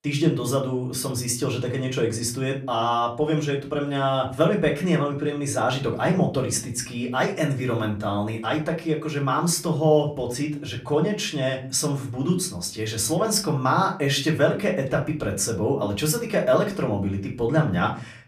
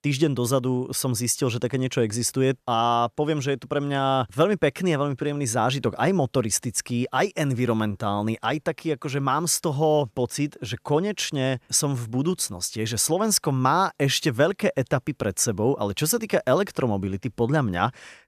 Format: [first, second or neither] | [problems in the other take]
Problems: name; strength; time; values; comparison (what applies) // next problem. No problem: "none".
second | off-mic speech; far // room echo; very slight; dies away in 0.3 s